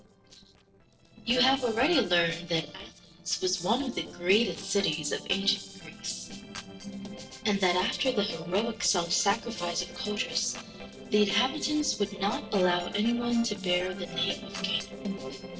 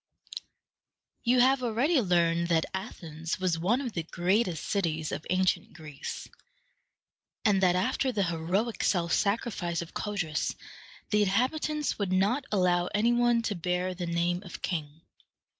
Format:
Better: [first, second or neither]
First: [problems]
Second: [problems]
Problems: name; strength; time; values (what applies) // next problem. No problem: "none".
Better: second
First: noise reduction (neural separator model SepFormer DNS4)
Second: none